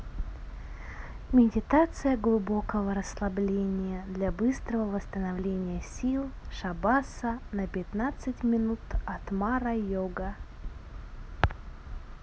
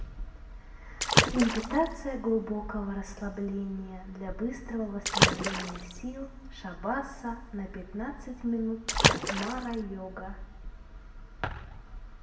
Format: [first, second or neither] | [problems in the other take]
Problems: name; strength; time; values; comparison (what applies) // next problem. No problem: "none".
first | background sound (Water / Splash, splatter); 4 dB above the speech // room echo; dies away in 1.1 s